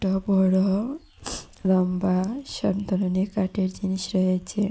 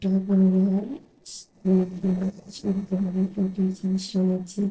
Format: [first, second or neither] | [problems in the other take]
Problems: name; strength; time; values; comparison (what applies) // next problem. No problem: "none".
first | noise reduction (neural separator model SepFormer DNS4)